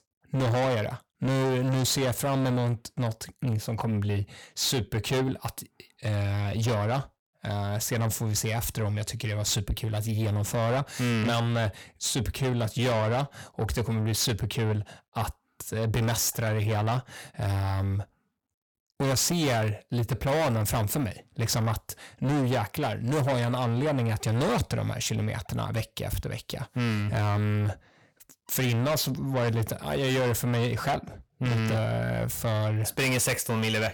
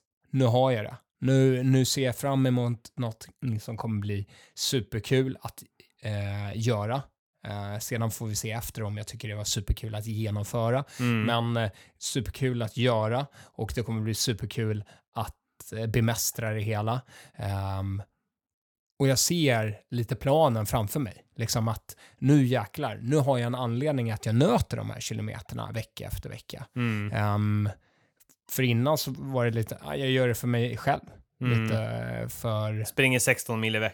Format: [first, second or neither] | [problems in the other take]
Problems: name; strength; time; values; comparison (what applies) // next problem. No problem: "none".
second | distortion; heavy; 6 dB below the speech